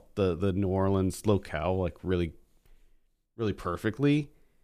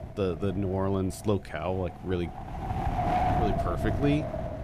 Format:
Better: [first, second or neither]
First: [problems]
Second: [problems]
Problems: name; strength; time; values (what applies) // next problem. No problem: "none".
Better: first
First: none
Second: wind noise on the microphone; heavy; 3 dB above the speech